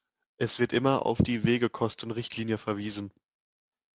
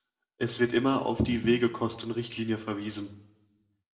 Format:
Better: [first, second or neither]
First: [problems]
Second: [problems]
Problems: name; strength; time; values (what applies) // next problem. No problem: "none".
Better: first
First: none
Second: room echo; dies away in 0.7 s